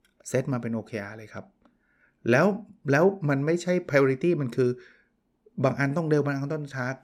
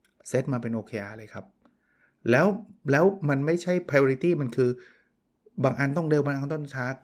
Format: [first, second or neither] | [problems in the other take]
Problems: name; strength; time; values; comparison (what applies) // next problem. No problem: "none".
first | garbled, watery; slightly; nothing above 17 kHz